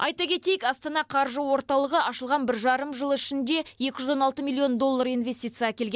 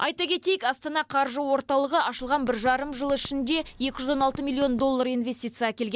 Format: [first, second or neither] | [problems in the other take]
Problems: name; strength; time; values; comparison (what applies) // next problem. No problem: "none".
first | background sound (Typing); 18 dB below the speech